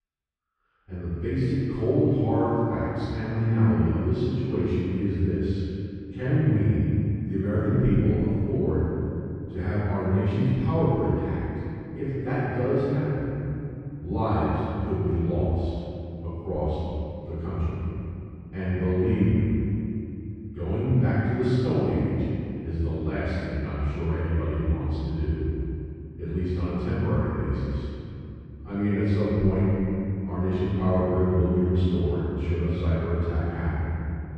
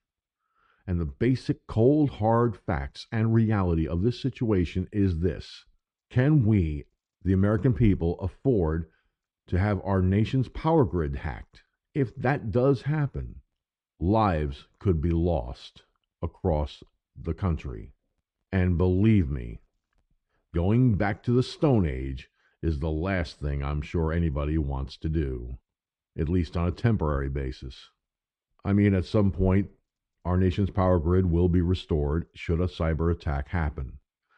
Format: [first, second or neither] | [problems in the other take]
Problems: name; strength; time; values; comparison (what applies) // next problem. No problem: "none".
second | off-mic speech; far // room echo; strong; dies away in 2.8 s